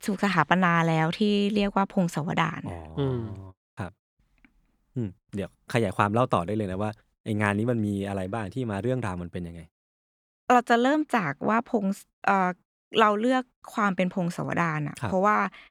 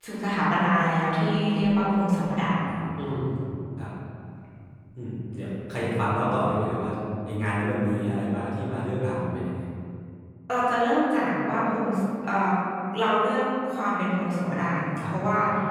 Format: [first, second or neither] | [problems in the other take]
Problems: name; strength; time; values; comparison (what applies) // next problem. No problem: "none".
first | room echo; strong; dies away in 2.6 s // off-mic speech; far